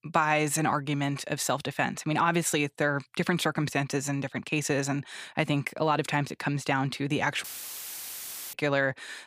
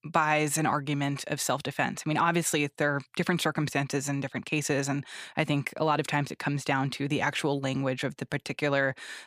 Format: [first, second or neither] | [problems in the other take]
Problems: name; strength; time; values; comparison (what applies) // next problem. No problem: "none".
second | audio cutting out; filled with static; at 7.5 s for 1 s